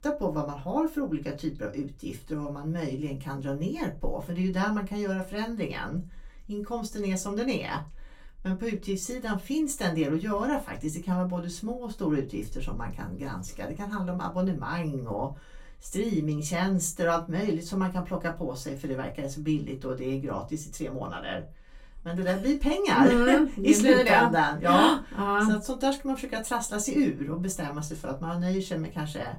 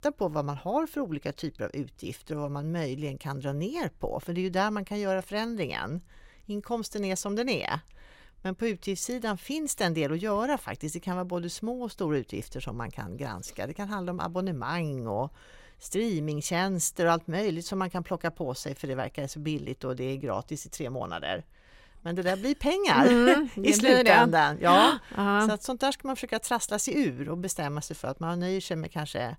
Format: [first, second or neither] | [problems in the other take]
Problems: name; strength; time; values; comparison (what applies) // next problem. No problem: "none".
second | off-mic speech; far // room echo; very slight; dies away in 0.2 s